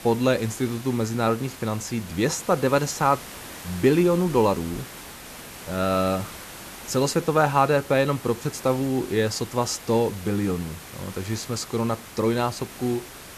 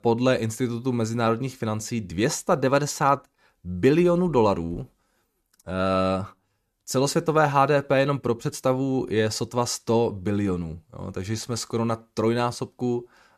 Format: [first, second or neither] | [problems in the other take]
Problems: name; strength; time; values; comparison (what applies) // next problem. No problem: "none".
second | hiss; noticeable; throughout; 15 dB below the speech